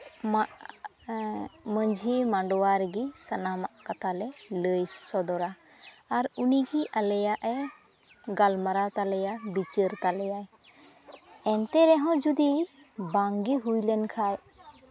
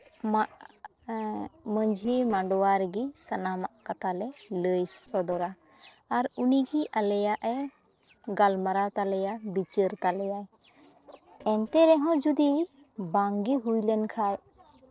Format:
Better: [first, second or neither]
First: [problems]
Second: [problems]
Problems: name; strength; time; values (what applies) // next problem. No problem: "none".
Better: first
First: none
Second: noise reduction (neural separator model SepFormer DNS4)